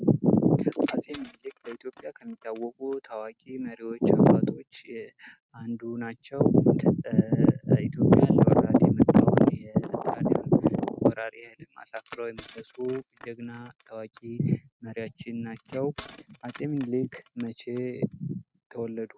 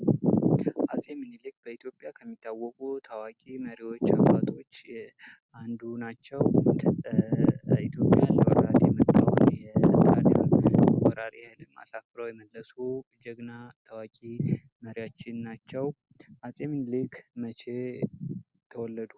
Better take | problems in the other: second | noise reduction (neural mask model RNNoise)

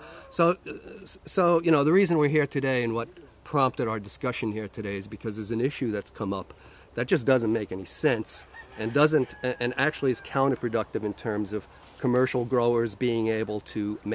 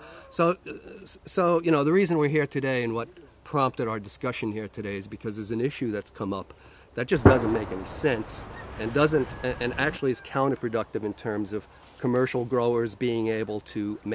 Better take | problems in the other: first | background sound (Gunshot, gunfire); 1 dB below the speech

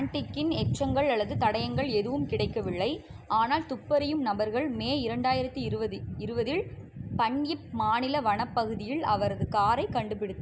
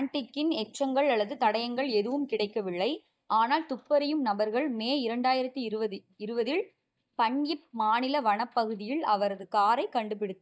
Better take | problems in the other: first | noise reduction (neural mask model DeepFilterNet 3)

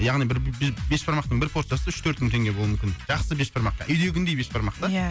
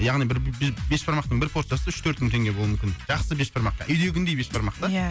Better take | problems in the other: first | background sound (Hi-hat); 16 dB below the speech

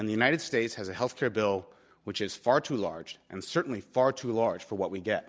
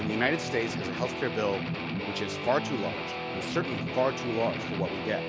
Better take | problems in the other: first | background sound (Guitar); 2 dB below the speech

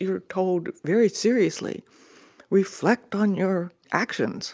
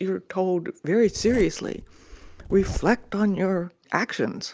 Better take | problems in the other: first | background sound (Zipper (clothing)); 12 dB below the speech

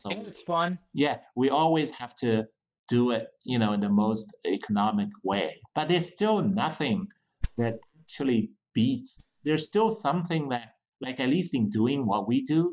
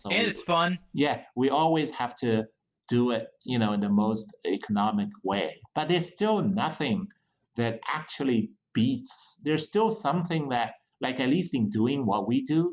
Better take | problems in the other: second | noise reduction (neural mask model DeepFilterNet 3)

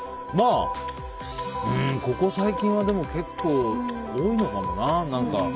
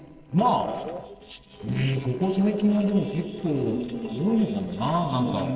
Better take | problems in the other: first | noise reduction (neural separator model SepFormer DNS4)

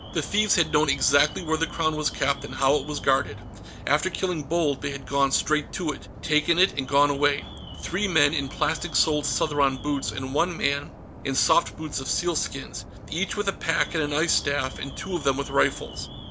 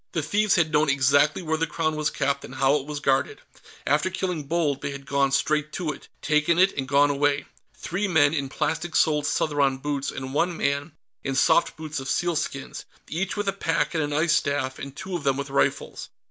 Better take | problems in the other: second | background sound (Alarm); 13 dB below the speech

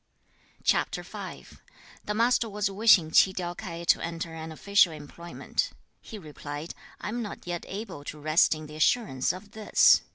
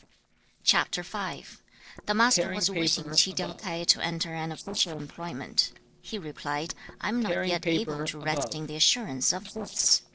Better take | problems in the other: first | noise reduction (neural separator model SepFormer DNS4)

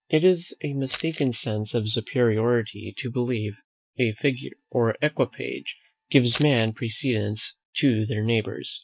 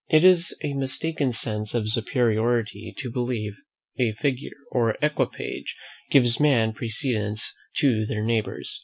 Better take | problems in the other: second | noise reduction (neural mask model DeepFilterNet 3)

